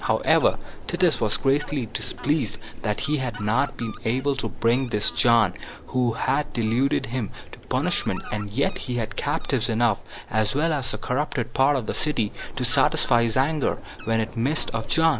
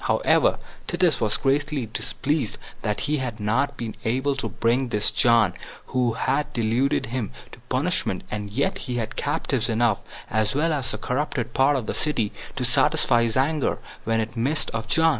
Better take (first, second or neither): second